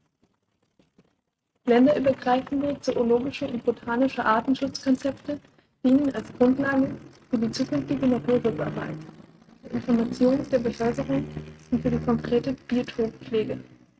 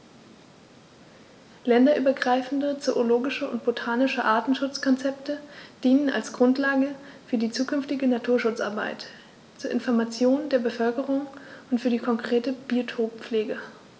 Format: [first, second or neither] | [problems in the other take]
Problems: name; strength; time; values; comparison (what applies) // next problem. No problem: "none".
second | noise reduction (neural mask model RNNoise)